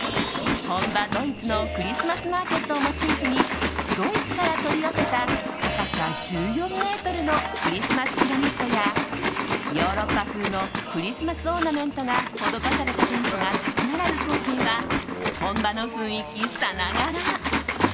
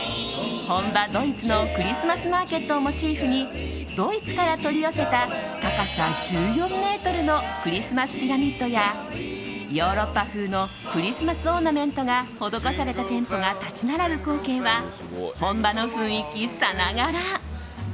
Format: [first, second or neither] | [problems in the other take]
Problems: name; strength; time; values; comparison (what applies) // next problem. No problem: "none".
second | background sound (Liquid); 1 dB below the speech